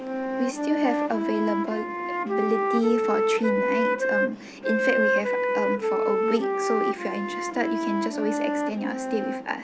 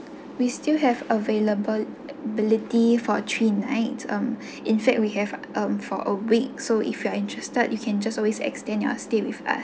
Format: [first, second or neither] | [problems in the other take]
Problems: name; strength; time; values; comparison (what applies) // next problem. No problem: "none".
second | background sound (Wind instrument, woodwind instrument); 3 dB above the speech